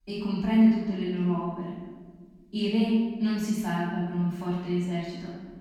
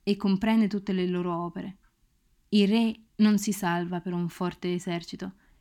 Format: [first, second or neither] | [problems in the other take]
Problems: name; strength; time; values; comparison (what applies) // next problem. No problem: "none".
second | off-mic speech; far // room echo; strong; dies away in 1.3 s